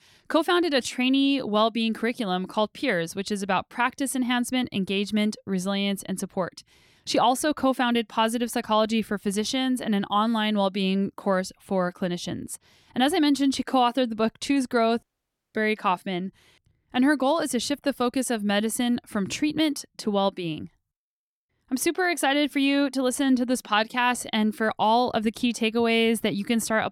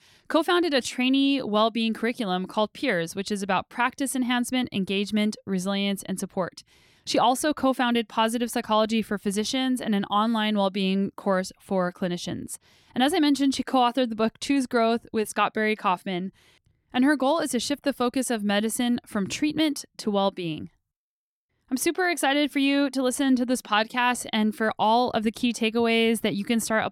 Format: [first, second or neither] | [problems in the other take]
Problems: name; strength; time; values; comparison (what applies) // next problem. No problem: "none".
second | audio cutting out; at 15 s for 0.5 s